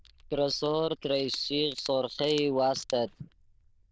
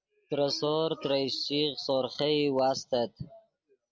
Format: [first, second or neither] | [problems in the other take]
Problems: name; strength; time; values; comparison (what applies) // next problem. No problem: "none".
second | noise reduction (neural diffusion model UNIVERSE++)